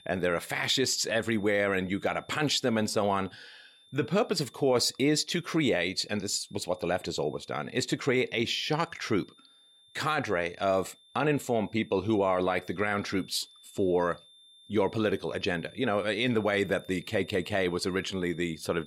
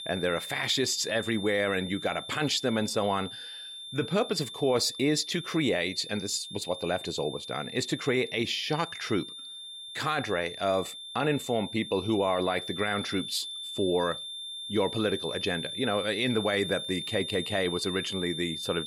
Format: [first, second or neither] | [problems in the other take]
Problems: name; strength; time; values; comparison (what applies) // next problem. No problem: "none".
first | high-pitched whine; loud; throughout; 3.5 kHz, 8 dB below the speech; faint in the first